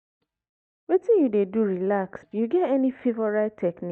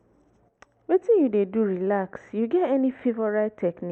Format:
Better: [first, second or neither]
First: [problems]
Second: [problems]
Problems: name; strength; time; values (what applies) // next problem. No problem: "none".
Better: second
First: noise reduction (neural mask model DeepFilterNet 3)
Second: none